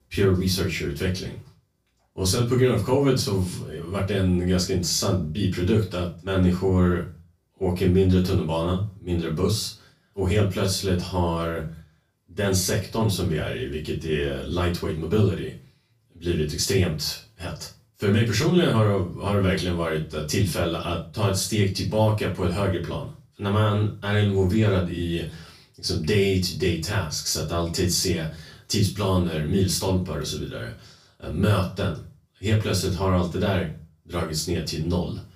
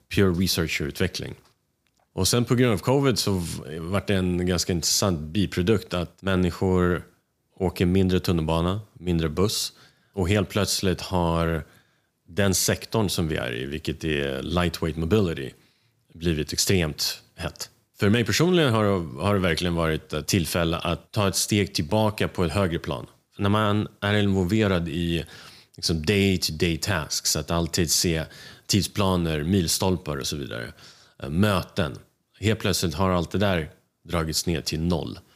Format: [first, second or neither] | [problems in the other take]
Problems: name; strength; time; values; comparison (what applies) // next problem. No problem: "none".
second | off-mic speech; far // room echo; slight; dies away in 0.2 s